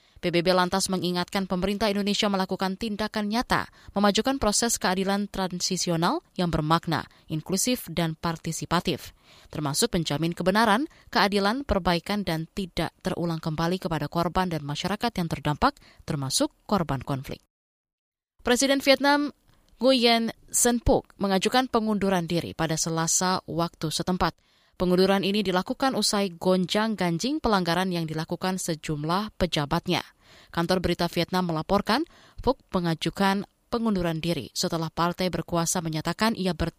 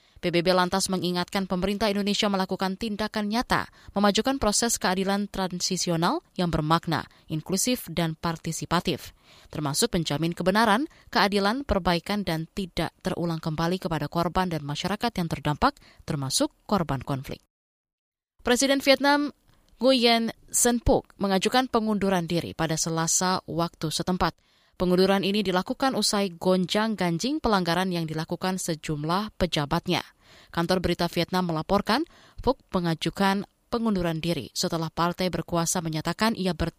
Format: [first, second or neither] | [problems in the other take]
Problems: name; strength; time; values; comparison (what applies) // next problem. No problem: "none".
neither | none